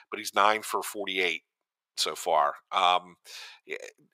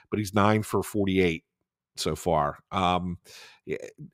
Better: second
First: thin; very; fading below 750 Hz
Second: none

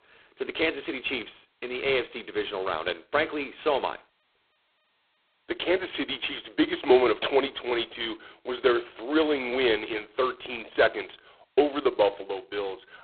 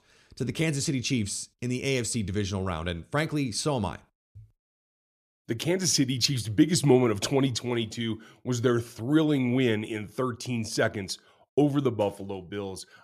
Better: second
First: phone-call audio; poor line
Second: none

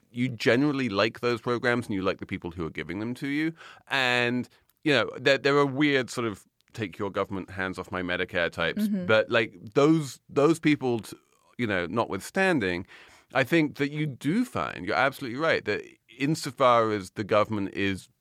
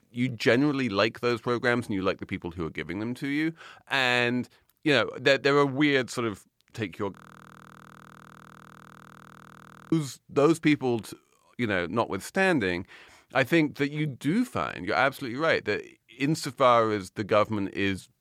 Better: first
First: none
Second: audio freezing; at 7 s for 3 s

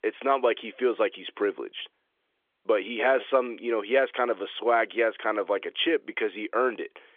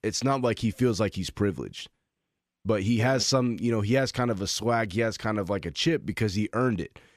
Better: second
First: phone-call audio; nothing above 3.5 kHz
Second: none

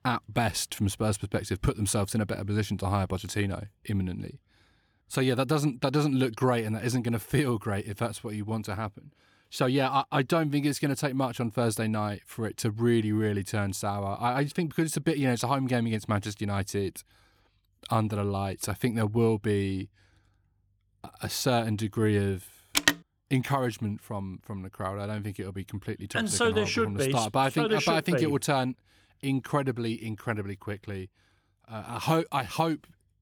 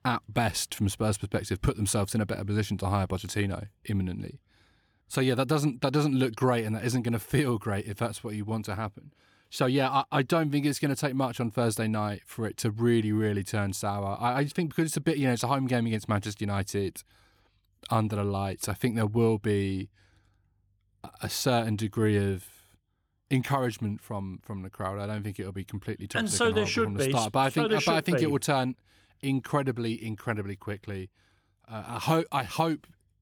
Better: second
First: phone ringing; loud; at 23 s; peak 4 dB above the speech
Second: none

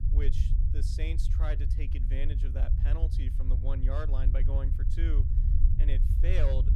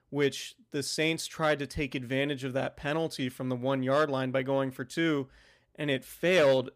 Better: second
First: low rumble; loud; throughout; 5 dB below the speech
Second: none

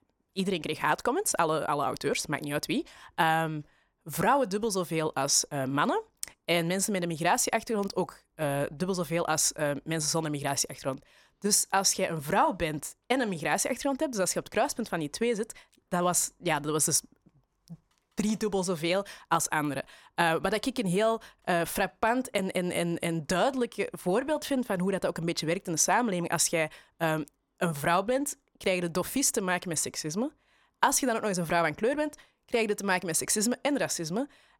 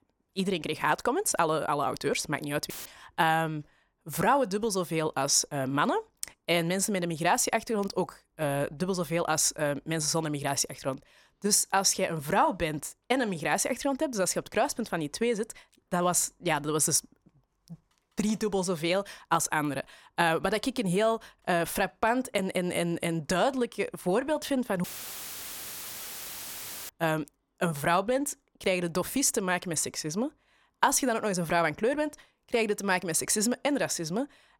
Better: first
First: none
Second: audio cutting out; filled with static; at 2.5 s and at 25 s for 2 s

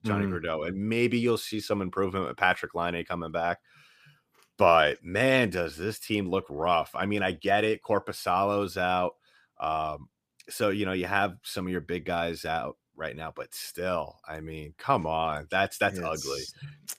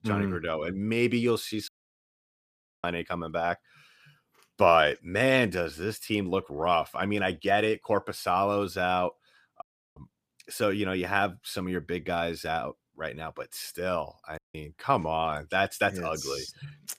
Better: first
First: none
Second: audio cutting out; at 1.5 s for 1 s, at 9.5 s and at 14 s

